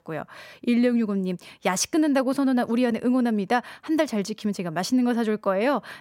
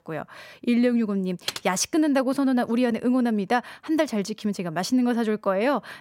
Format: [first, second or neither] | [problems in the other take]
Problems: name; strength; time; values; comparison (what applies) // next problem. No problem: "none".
first | keyboard typing; noticeable; at 1.5 s; peak 8 dB below the speech